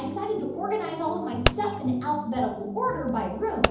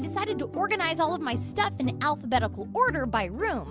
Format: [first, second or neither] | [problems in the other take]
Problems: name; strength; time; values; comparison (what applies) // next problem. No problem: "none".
second | background sound (Fireworks); 4 dB below the speech // room echo; dies away in 0.8 s